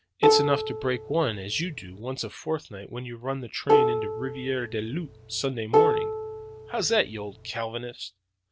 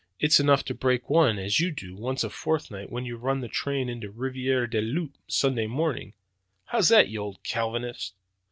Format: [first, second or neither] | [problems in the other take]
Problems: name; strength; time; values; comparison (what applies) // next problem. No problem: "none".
second | background sound (Plucked string instrument); 4 dB above the speech